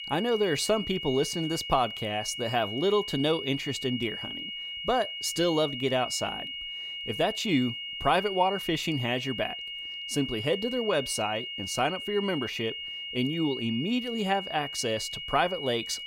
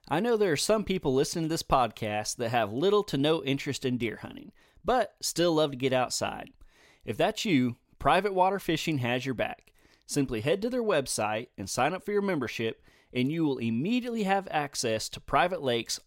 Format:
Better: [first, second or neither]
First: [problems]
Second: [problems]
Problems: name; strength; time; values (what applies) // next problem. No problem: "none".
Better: second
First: high-pitched whine; loud; throughout; 3 kHz, 6 dB below the speech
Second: none